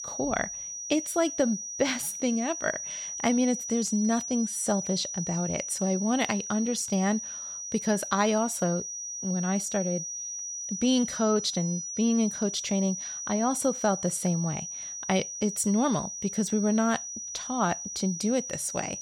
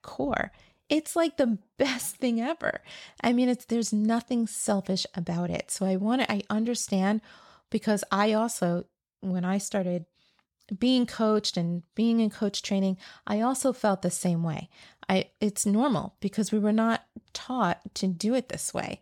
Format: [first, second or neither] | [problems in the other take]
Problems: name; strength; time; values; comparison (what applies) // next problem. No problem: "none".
second | high-pitched whine; loud; throughout; 6 kHz, 6 dB below the speech